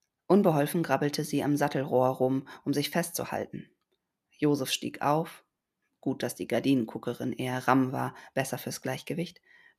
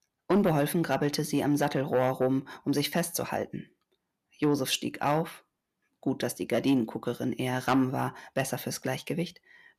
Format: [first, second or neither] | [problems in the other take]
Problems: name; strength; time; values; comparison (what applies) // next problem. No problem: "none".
first | distortion; slight; 10 dB below the speech